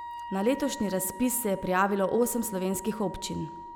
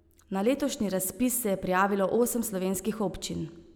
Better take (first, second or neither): second